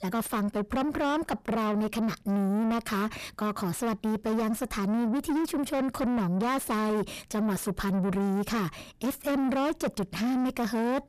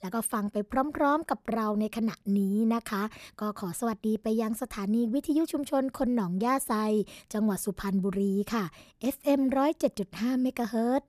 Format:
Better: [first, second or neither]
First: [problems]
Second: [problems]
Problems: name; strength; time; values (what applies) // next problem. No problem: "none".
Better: second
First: distortion; heavy; 8 dB below the speech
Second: none